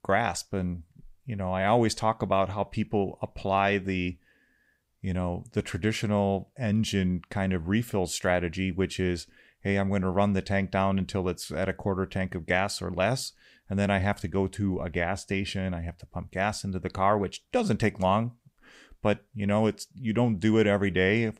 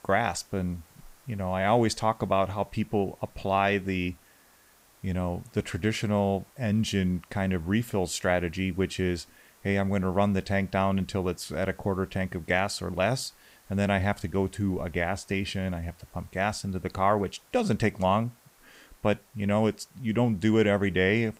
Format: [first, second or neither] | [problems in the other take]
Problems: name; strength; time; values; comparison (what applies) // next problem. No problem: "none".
first | hiss; faint; throughout; 30 dB below the speech